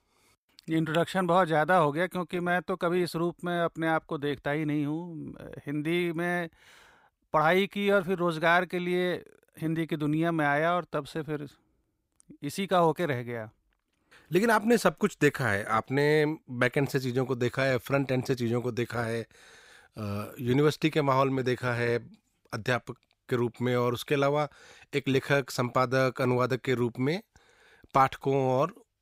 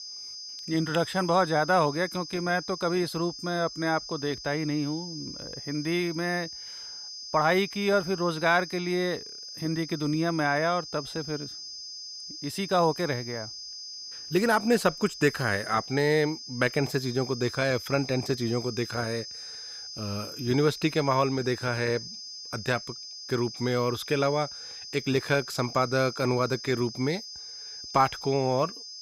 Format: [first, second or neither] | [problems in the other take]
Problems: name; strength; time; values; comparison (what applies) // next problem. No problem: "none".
first | high-pitched whine; noticeable; throughout; 5 kHz, 10 dB below the speech